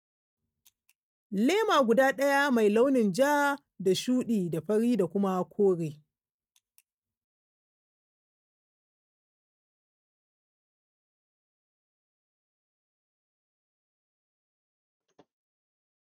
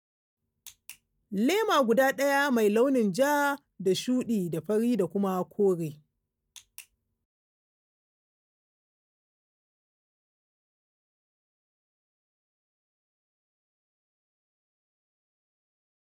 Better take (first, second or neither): second